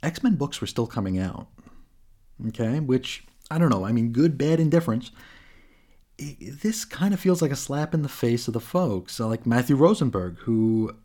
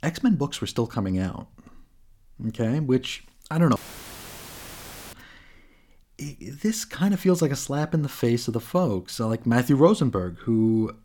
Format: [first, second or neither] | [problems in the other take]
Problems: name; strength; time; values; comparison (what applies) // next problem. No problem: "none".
first | audio cutting out; filled with static; at 4 s for 1.5 s